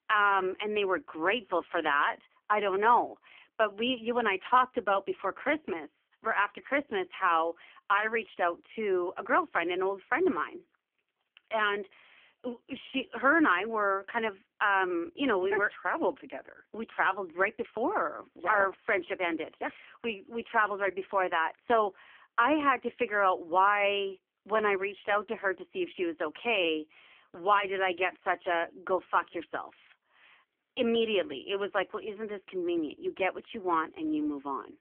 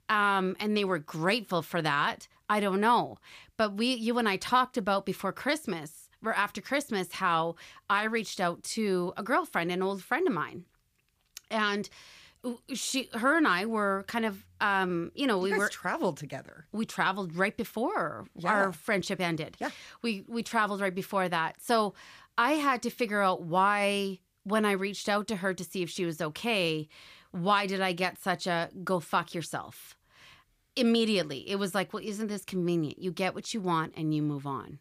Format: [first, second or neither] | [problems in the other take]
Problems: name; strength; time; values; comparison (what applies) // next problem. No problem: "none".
second | phone-call audio; poor line; nothing above 3 kHz